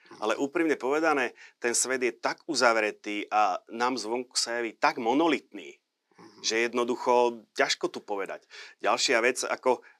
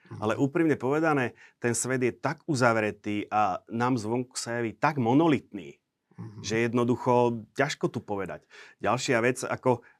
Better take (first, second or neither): second